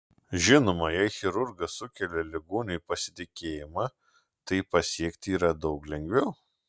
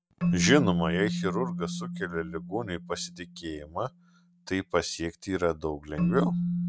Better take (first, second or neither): first